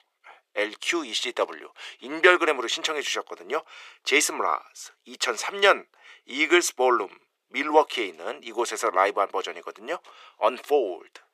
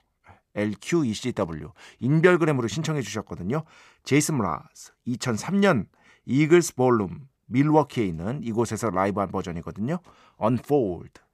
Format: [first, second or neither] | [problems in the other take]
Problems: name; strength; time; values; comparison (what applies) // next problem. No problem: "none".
second | thin; very; fading below 400 Hz